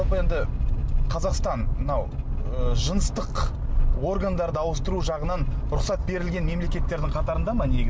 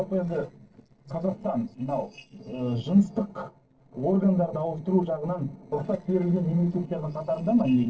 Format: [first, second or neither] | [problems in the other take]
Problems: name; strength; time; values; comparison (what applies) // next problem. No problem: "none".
first | noise reduction (neural separator model SepFormer DNS4)